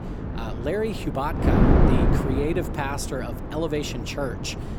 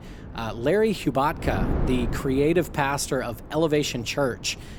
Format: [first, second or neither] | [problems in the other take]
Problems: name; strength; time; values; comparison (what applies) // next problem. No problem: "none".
second | wind noise on the microphone; heavy; 1 dB below the speech; occasional gusts in the second